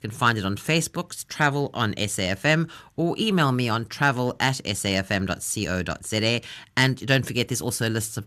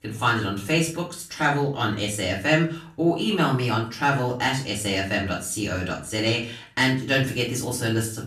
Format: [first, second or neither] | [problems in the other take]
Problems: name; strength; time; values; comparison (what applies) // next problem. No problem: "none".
first | off-mic speech; far // room echo; slight; dies away in 0.3 s